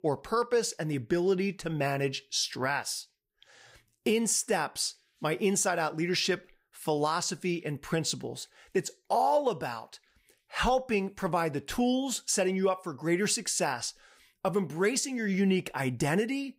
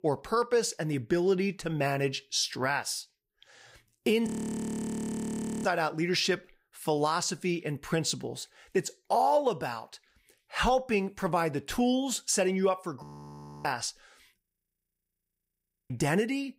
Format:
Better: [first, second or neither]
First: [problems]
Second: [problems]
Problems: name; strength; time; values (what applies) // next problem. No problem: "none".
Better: first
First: none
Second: audio freezing; at 4.5 s for 1.5 s, at 13 s for 0.5 s and at 14 s for 1.5 s